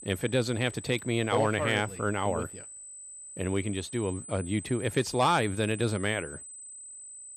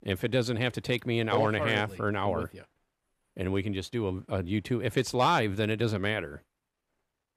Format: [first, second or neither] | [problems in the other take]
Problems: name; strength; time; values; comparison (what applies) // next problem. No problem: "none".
second | high-pitched whine; noticeable; throughout; 8 kHz, 15 dB below the speech